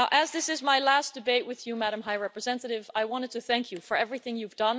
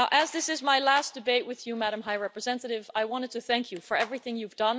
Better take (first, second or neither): first